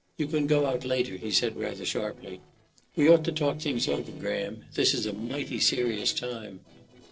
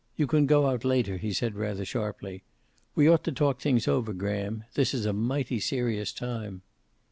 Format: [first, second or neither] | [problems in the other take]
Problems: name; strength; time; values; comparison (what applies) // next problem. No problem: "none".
second | noise reduction (neural separator model SepFormer DNS4)